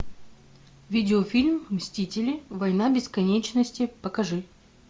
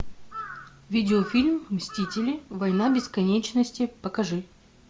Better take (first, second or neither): first